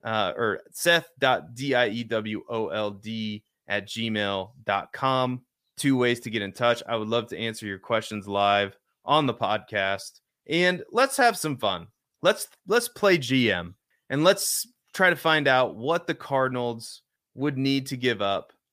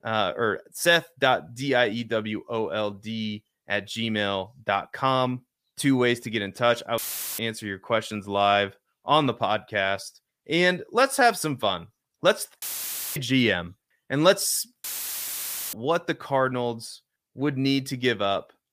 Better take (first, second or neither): first